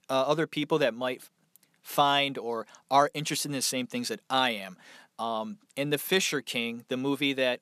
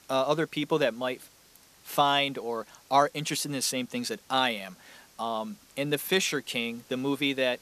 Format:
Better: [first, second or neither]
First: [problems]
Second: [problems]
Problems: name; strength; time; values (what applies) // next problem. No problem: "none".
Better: first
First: none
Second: hiss; faint; throughout; 25 dB below the speech